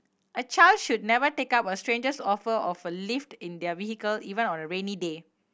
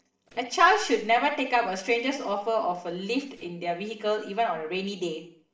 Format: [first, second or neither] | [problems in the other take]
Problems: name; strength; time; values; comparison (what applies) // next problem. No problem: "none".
first | noise reduction (neural separator model SepFormer DNS4)